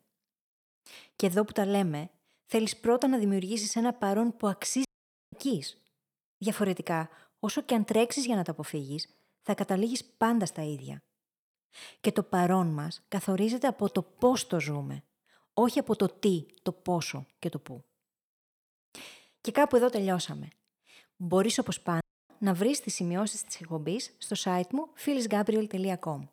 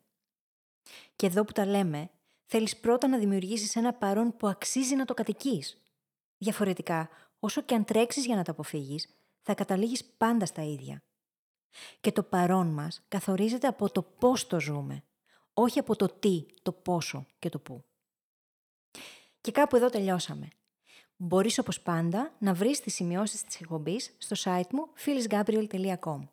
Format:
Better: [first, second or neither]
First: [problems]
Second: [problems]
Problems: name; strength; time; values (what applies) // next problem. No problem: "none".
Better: second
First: audio cutting out; at 5 s and at 22 s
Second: none